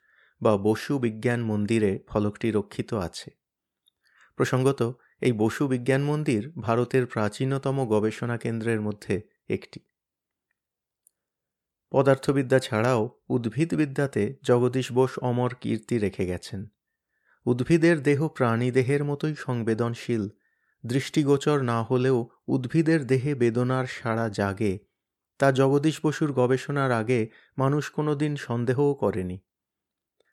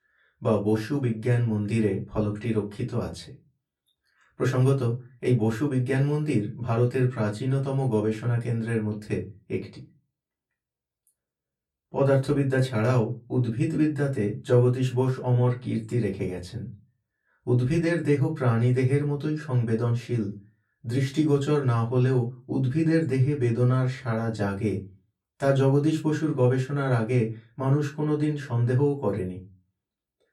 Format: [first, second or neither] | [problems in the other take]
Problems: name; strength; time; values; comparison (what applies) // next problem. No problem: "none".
first | off-mic speech; far // room echo; very slight; dies away in 0.2 s